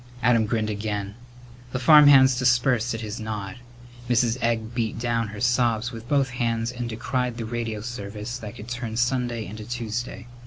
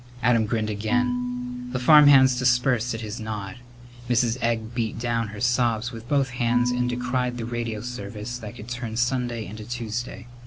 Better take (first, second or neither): first